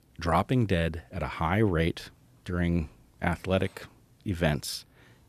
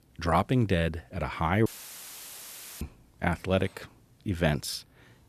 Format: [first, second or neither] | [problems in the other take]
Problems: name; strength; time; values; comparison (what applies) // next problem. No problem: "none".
first | audio cutting out; filled with static; at 1.5 s for 1 s